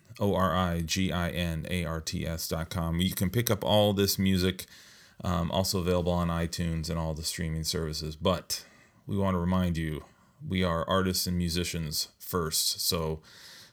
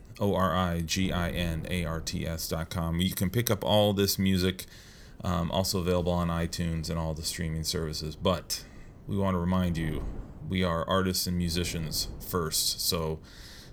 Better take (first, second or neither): first